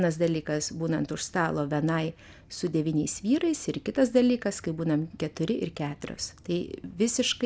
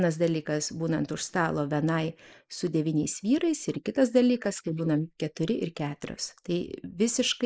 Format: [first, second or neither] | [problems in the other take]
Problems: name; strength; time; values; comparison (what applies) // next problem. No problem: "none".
first | noise reduction (neural mask model Resemble Enhance denoiser)